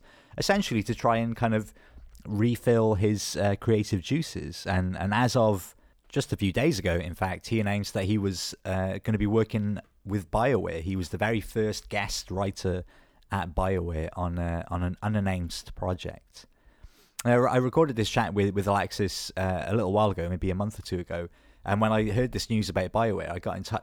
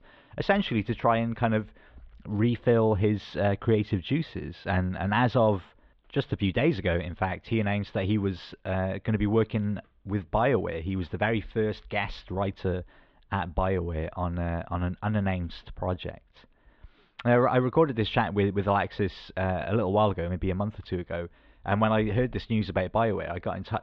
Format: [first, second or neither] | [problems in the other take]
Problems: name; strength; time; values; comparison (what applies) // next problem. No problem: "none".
first | muffled; very; fading above 3.5 kHz